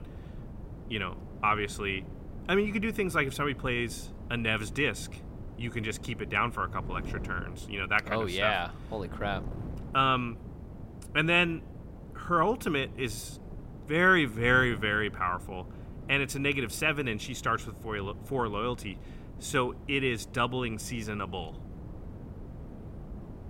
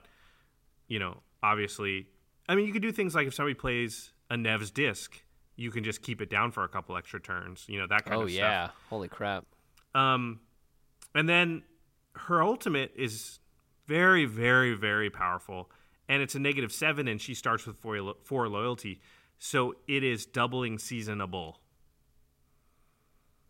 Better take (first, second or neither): second